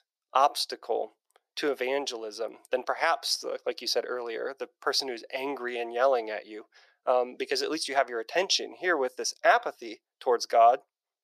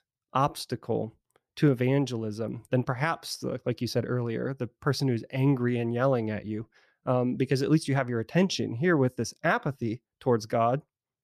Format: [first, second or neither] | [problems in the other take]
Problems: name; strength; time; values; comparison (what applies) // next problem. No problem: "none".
second | thin; very; fading below 450 Hz